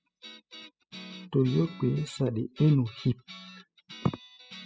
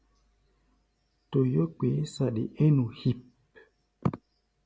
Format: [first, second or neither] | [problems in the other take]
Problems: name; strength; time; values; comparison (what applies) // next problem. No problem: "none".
second | noise reduction (classical method spectral subtraction)